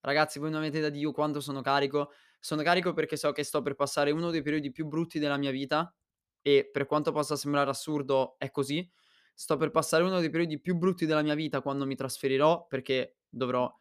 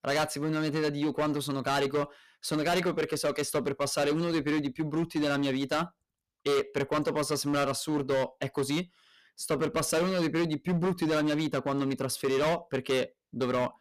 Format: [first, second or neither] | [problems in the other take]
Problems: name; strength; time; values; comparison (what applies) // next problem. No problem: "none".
first | distortion; heavy; 16% of the sound clipped